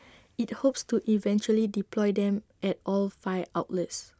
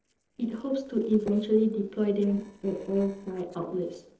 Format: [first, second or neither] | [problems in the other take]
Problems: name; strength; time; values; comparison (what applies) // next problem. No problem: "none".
first | noise reduction (neural separator model SepFormer DNS4)